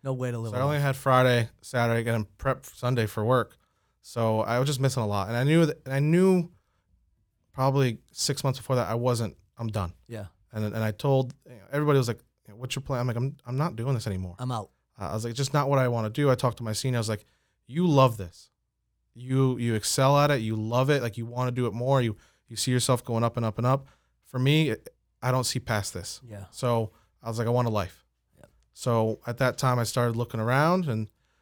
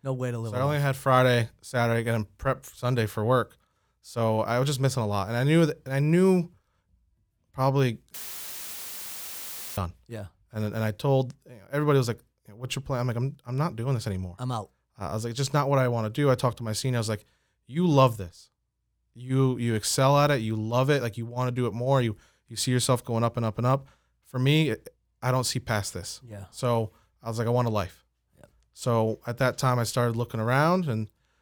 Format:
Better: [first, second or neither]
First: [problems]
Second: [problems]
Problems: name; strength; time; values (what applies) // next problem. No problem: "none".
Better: first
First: none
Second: audio cutting out; filled with static; at 8 s for 1.5 s